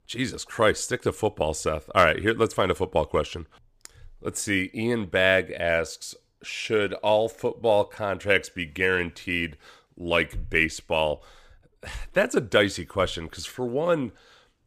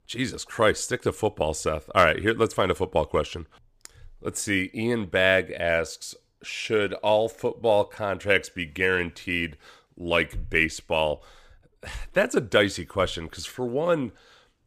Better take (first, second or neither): neither